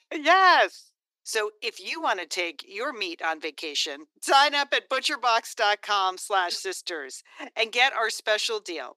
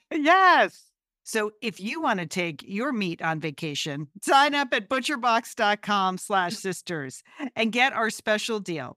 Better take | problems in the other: second | thin; very; fading below 350 Hz

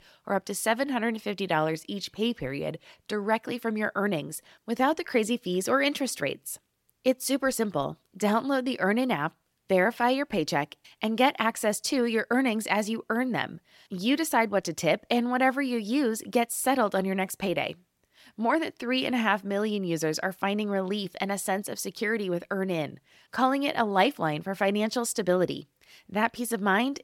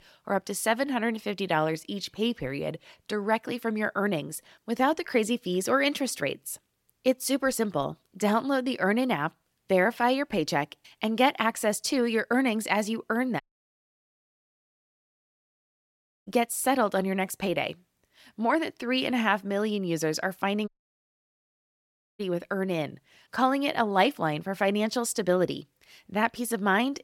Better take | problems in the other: first | audio cutting out; at 13 s for 3 s and at 21 s for 1.5 s

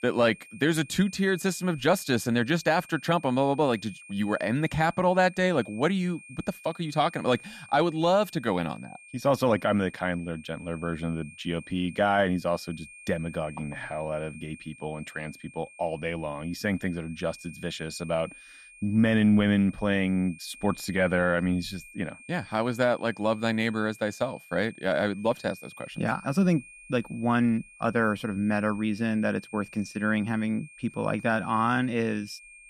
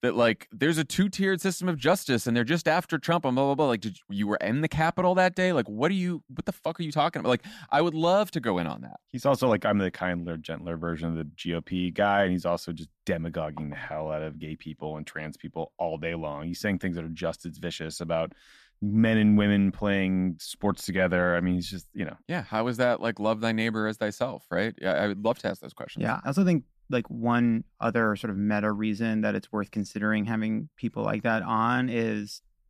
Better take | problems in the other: second | high-pitched whine; noticeable; throughout; 2.5 kHz, 20 dB below the speech

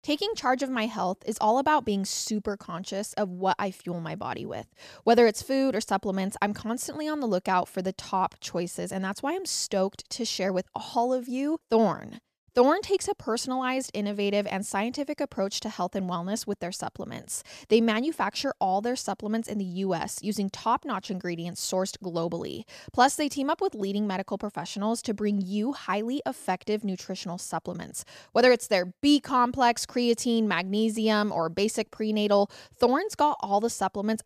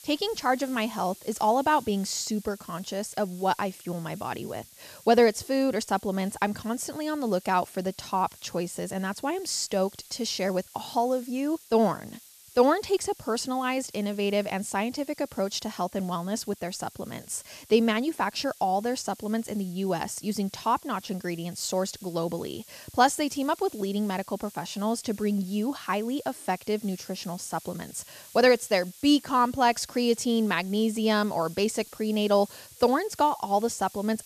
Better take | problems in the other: first | hiss; faint; throughout; 20 dB below the speech

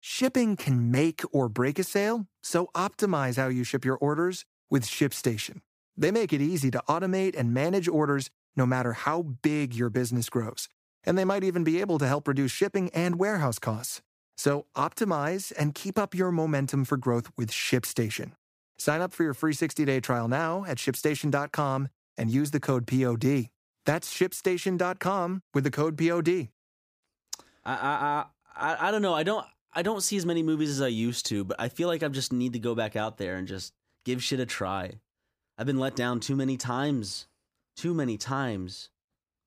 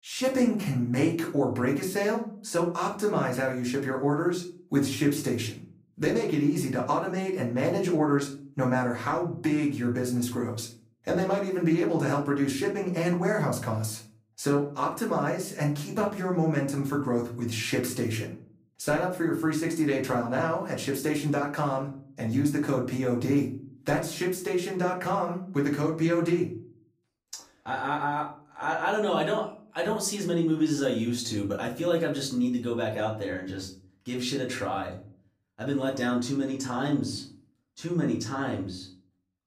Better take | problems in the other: first | room echo; slight; dies away in 0.4 s // off-mic speech; far

